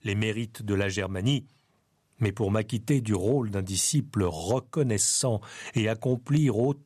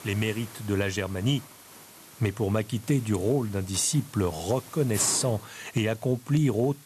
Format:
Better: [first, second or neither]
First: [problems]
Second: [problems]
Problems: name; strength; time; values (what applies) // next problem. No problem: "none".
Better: first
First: none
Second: hiss; noticeable; throughout; 15 dB below the speech